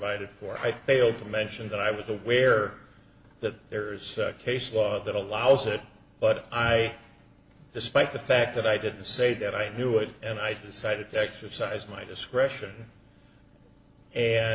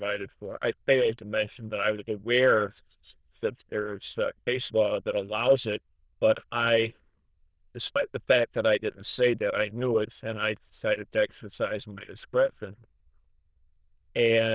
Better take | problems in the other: first | noise reduction (neural diffusion model UNIVERSE++)

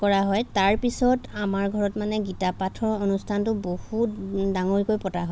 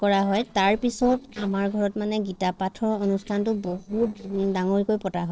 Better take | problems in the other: first | noise reduction (neural separator model SepFormer DNS4)

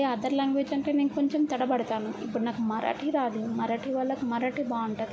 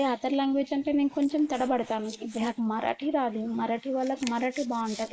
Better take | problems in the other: first | noise reduction (neural mask model Resemble Enhance denoiser)

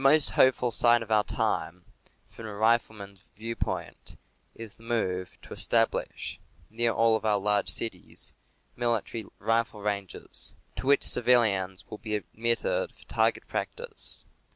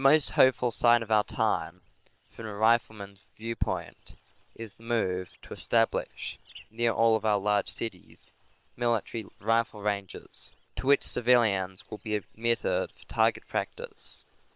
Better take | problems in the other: first | noise reduction (neural separator model SepFormer WHAM!)

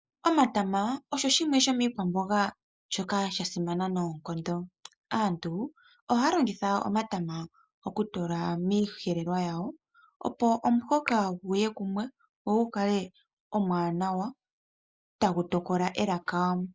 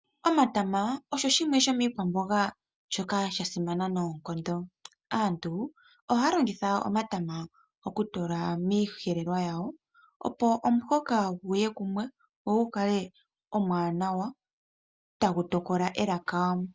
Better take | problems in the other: second | noise reduction (neural mask model Resemble Enhance denoiser)

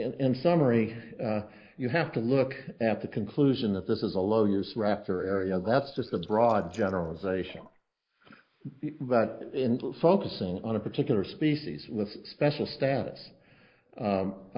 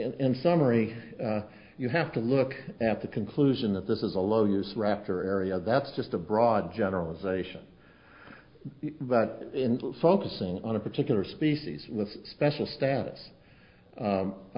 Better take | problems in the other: second | noise reduction (neural mask model Resemble Enhance denoiser)

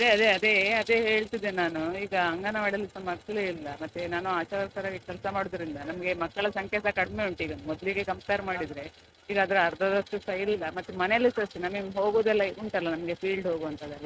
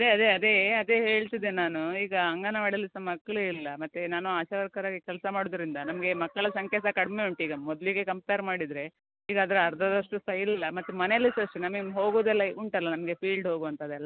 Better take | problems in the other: second | noise reduction (neural mask model RNNoise)

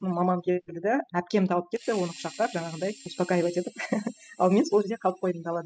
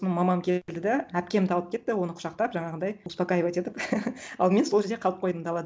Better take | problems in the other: second | noise reduction (classical method spectral subtraction)

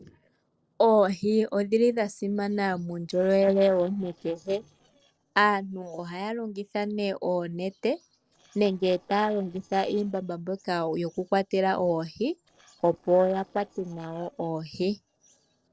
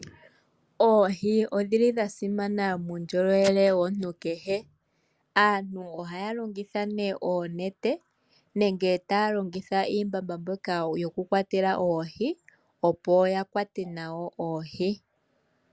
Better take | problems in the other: second | noise reduction (neural separator model SepFormer DNS4)

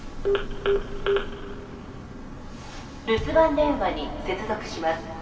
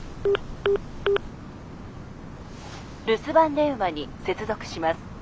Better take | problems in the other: second | background sound (Bass drum); 11 dB below the speech // room echo; dies away in 2.4 s

